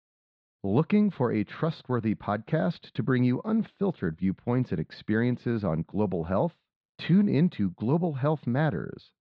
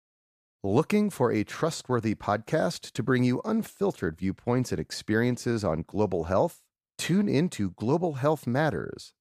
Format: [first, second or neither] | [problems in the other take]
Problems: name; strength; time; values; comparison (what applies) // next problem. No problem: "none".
second | muffled; slightly; fading above 4 kHz